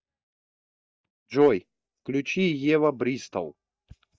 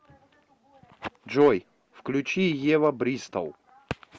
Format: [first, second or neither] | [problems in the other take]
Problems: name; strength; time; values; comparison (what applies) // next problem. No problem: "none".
second | noise reduction (neural mask model DeepFilterNet 3)